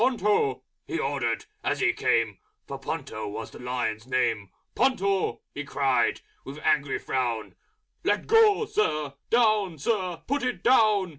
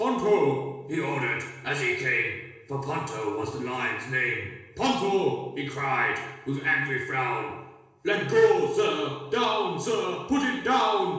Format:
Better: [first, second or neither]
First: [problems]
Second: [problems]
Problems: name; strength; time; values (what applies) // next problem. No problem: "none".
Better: first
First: none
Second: room echo; dies away in 1.1 s